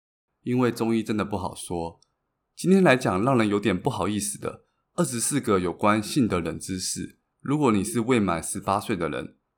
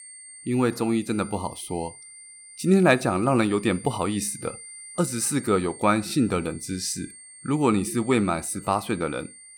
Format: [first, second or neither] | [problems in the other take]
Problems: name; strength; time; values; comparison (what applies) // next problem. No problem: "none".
first | high-pitched whine; noticeable; throughout; 9 kHz, 15 dB below the speech